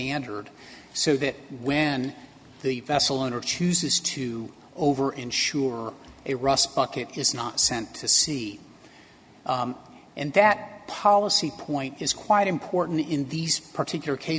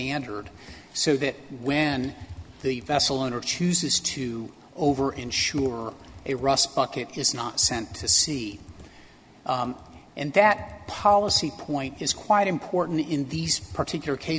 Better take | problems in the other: first | background sound (Computer keyboard); 20 dB below the speech

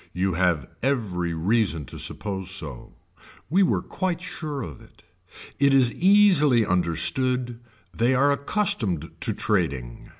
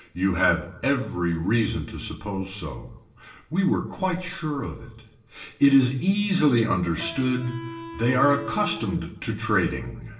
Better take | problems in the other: first | background sound (Electric guitar); 12 dB below the speech // room echo; dies away in 0.8 s

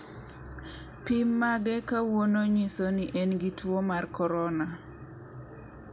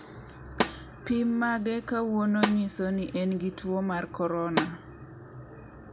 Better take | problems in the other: first | background sound (Snare drum); 6 dB below the speech

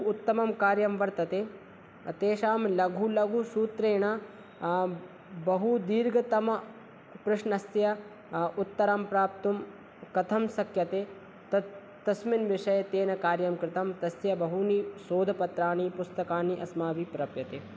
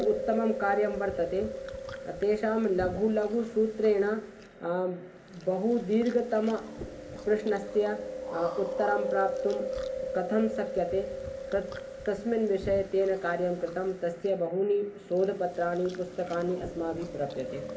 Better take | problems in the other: first | background sound (Chewing, mastication); 9 dB below the speech // room echo; dies away in 0.3 s

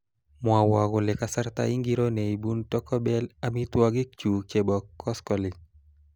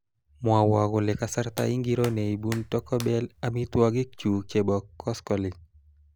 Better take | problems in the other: first | background sound (Hands); 19 dB below the speech

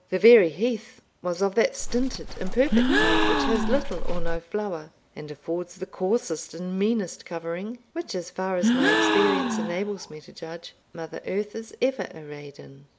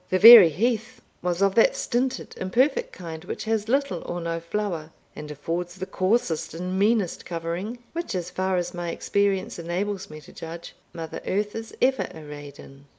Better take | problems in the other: second | background sound (Gasp + Livestock, farm animals, working animals); 1 dB above the speech

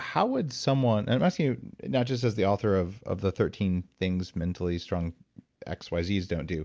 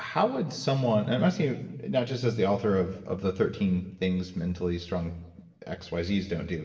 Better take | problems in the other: first | room echo; dies away in 1 s

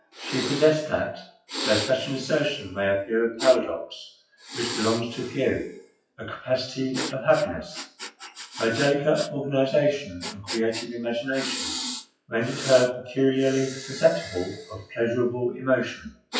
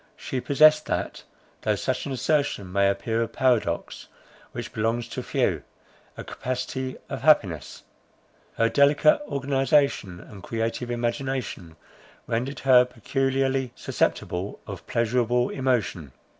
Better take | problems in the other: second | noise reduction (classical method WPE with log-MMSE)

